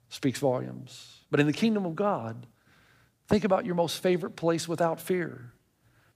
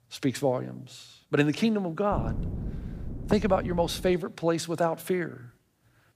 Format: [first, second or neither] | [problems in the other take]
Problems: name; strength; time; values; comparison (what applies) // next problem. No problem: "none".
first | wind noise on the microphone; occasional gusts; from 2 to 4 s; 20 dB below the speech